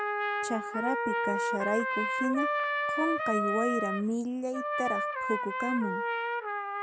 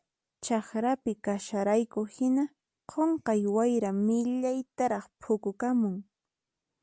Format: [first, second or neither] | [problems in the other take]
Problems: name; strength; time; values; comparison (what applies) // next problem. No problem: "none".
second | background sound (Trumpet); 2 dB above the speech